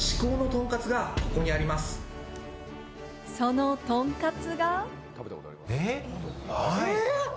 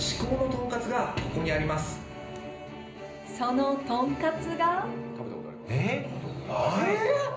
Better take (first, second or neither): first